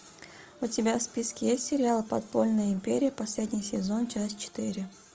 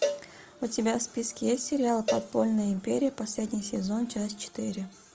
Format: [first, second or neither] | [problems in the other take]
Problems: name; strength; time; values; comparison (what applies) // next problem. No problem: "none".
first | background sound (Cowbell); 8 dB below the speech